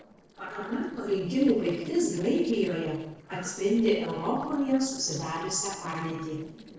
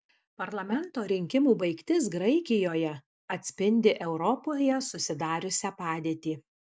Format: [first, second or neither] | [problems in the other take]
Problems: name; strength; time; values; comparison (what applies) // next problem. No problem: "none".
second | noise reduction (neural separator model SepFormer DNS4)